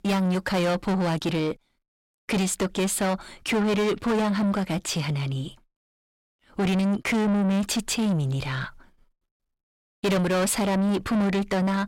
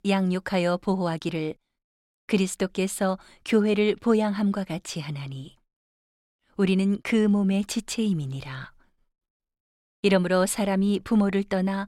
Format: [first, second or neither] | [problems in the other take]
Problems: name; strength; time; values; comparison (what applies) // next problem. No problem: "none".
second | distortion; heavy; 7 dB below the speech